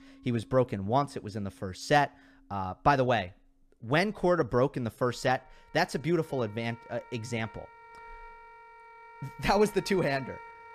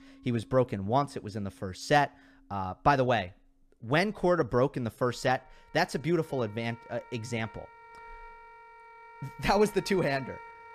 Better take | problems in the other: neither | background music; faint; throughout; 20 dB below the speech; the same in both

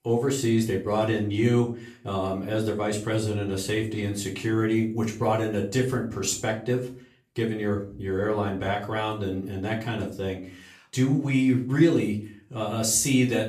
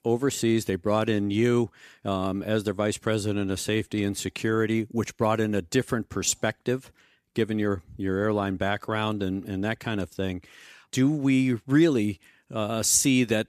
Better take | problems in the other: second | room echo; slight; dies away in 0.4 s // off-mic speech; far

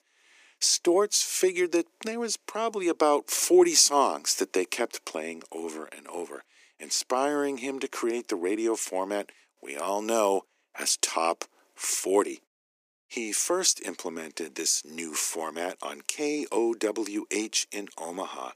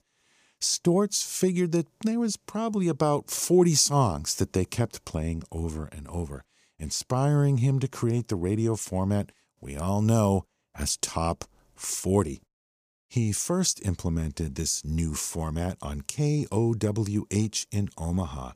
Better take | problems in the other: second | thin; very; fading below 300 Hz

